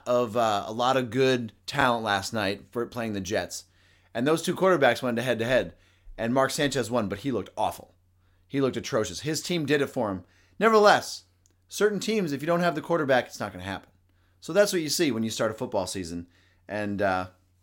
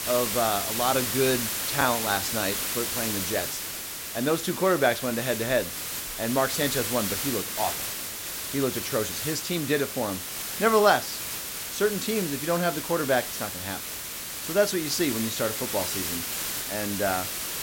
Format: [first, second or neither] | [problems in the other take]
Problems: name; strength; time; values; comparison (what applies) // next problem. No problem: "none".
first | hiss; loud; throughout; 2 dB below the speech